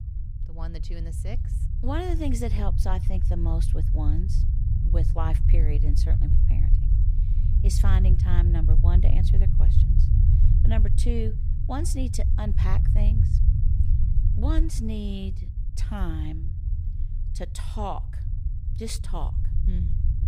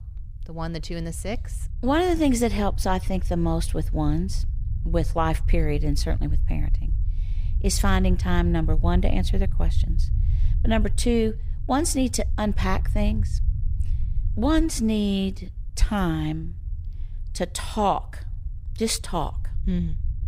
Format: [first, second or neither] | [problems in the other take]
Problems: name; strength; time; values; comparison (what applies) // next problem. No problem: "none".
second | low rumble; loud; throughout; 5 dB below the speech; faint in the second